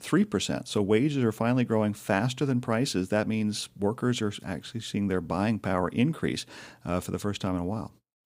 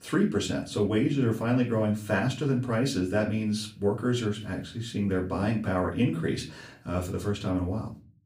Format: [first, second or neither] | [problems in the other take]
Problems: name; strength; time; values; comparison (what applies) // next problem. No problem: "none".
first | off-mic speech; far // room echo; very slight; dies away in 0.3 s